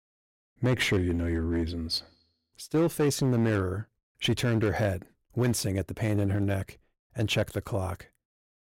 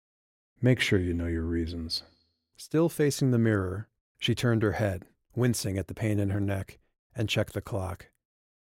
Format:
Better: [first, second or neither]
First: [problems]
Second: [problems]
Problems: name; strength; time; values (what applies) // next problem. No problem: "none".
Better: second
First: distortion; slight; 7% of the sound clipped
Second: none